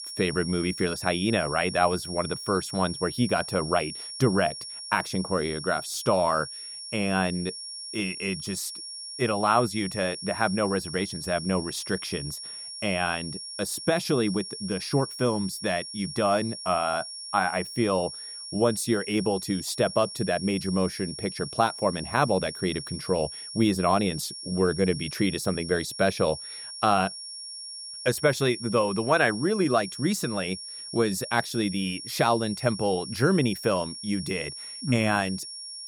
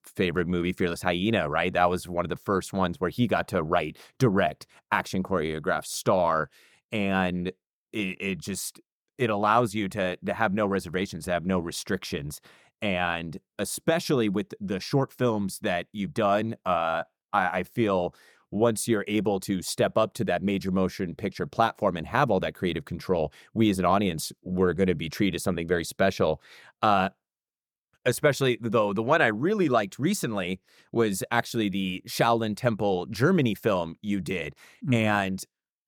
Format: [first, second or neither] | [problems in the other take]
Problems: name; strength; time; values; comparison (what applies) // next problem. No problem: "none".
second | high-pitched whine; loud; throughout; 5.5 kHz, 9 dB below the speech